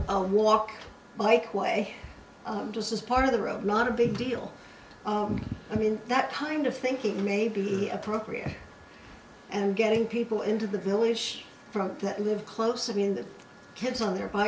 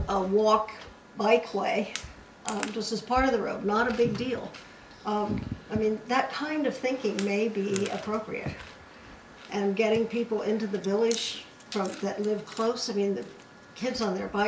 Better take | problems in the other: first | background sound (Chewing, mastication); 19 dB below the speech

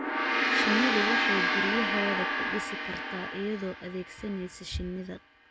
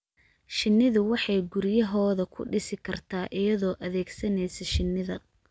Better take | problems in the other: second | background sound (Gong); 4 dB above the speech

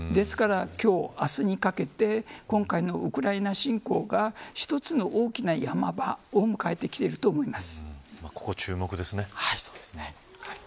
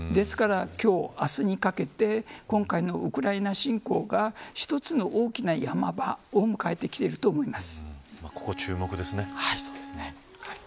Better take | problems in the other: first | background sound (Bowed string instrument); 13 dB below the speech

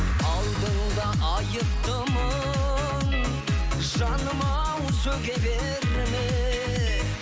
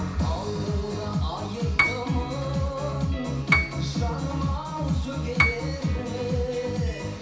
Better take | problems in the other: first | background sound (Piano); 4 dB below the speech // room echo; dies away in 0.6 s

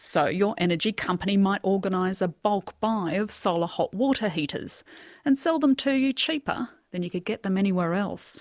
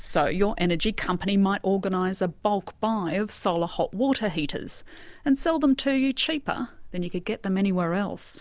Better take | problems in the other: first | background sound (Wind); 13 dB below the speech

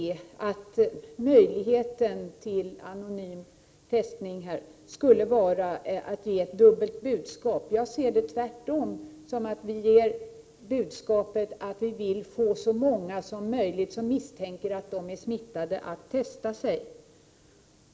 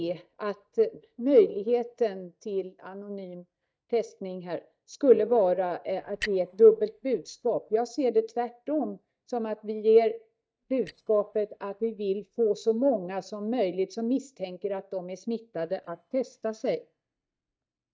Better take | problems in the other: first | noise reduction (neural mask model DeepFilterNet 3)

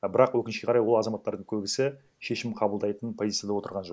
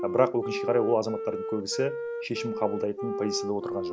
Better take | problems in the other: first | background sound (Wind instrument, woodwind instrument); 4 dB below the speech

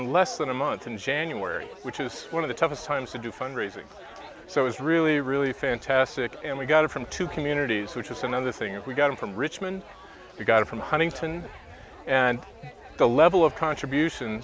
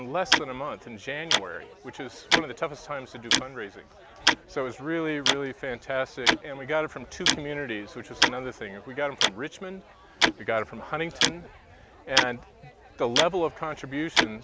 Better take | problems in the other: first | background sound (Tick-tock); 2 dB above the speech

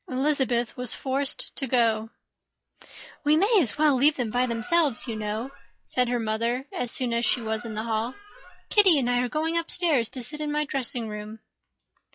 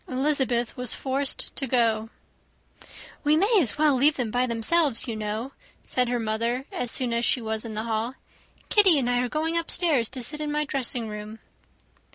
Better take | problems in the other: second | noise reduction (classical method log-MMSE)

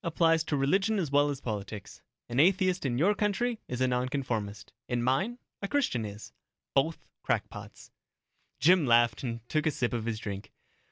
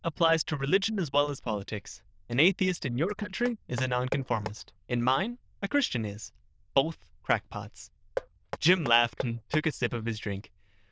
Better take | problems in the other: first | noise reduction (neural diffusion model UNIVERSE++)

